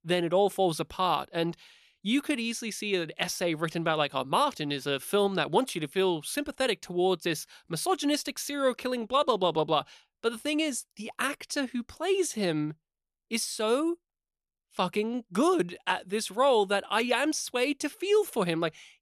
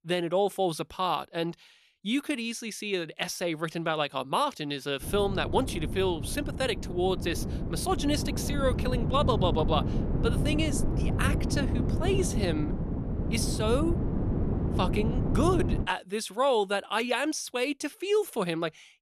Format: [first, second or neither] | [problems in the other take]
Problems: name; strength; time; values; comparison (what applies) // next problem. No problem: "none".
first | wind noise on the microphone; heavy; from 5 to 16 s; 8 dB below the speech